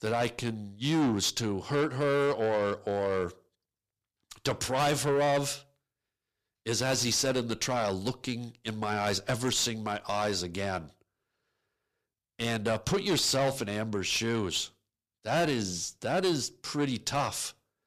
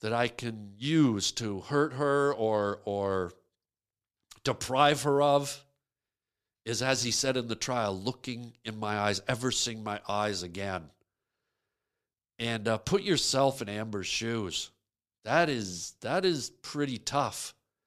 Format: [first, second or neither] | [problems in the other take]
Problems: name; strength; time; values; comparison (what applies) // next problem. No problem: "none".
second | distortion; heavy; 7 dB below the speech